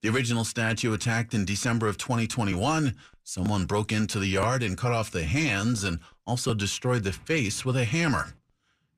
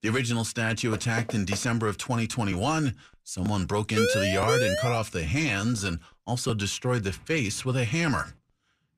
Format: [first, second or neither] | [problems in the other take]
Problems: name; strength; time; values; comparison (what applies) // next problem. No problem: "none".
first | door banging; noticeable; at 1 s; peak 9 dB below the speech // siren; loud; from 4 to 5 s; peak 2 dB above the speech